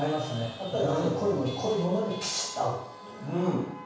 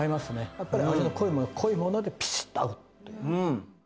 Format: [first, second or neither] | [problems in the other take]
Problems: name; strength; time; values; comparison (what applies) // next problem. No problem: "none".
second | background sound (Chatter / Traffic noise, roadway noise / Vehicle horn, car horn, honking / Engine); 16 dB below the speech // room echo; dies away in 0.7 s